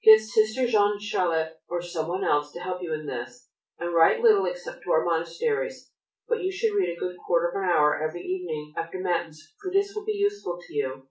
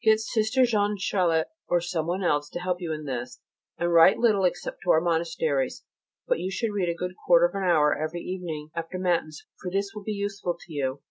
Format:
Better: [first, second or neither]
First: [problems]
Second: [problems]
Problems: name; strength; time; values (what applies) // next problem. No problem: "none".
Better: second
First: room echo; dies away in 0.3 s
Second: none